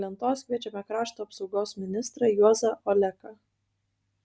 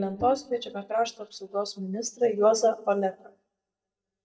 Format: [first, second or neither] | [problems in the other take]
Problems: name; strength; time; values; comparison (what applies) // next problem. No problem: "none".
first | noise reduction (neural mask model DeepFilterNet 3)